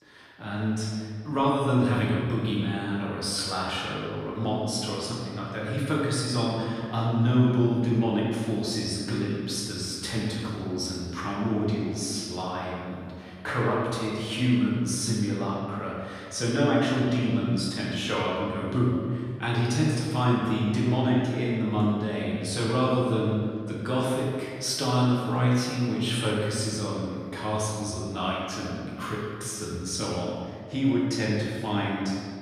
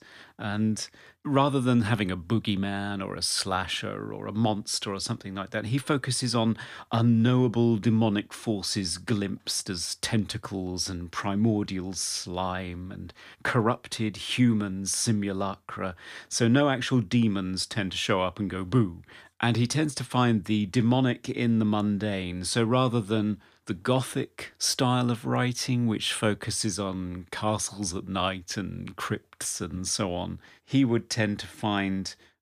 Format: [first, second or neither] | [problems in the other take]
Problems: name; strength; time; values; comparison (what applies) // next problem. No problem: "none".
second | room echo; strong; dies away in 1.8 s // off-mic speech; far